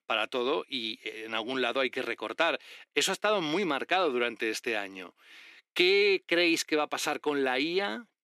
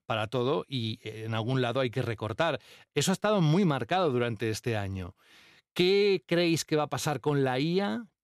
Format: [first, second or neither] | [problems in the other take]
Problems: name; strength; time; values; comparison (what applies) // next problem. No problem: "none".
second | thin; somewhat; fading below 300 Hz